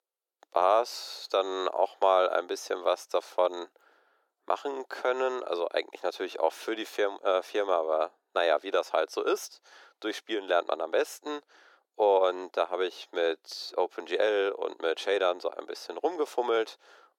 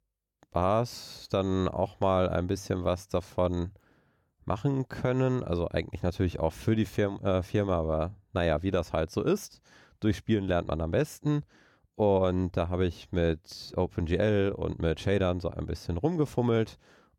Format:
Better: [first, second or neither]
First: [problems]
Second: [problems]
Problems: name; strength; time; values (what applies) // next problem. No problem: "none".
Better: second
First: thin; very; fading below 350 Hz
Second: none